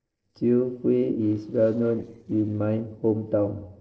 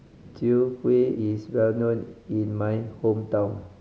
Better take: second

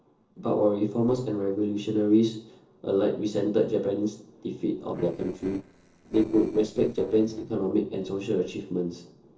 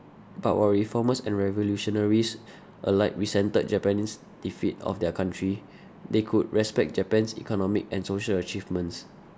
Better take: second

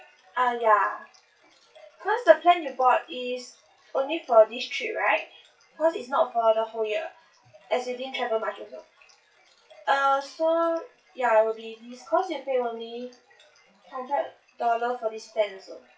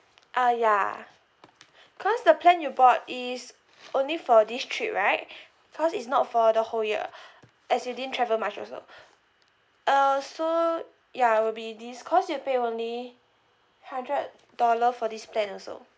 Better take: second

